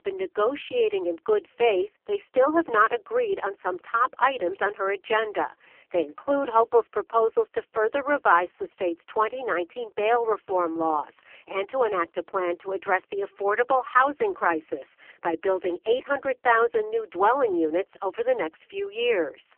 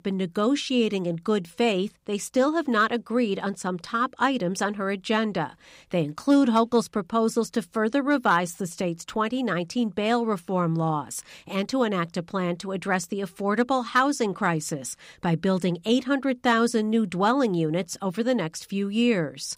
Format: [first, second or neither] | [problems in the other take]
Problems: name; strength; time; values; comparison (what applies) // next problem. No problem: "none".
second | phone-call audio; poor line; nothing above 3 kHz